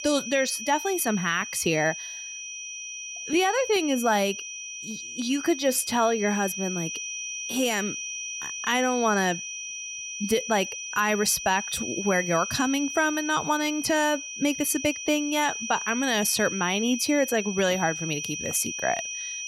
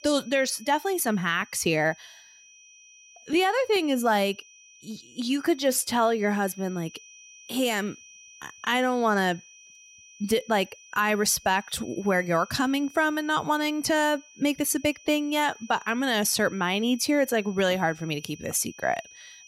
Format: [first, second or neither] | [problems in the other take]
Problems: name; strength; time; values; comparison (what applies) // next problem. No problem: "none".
second | high-pitched whine; loud; throughout; 6 kHz, 7 dB below the speech; faint in the second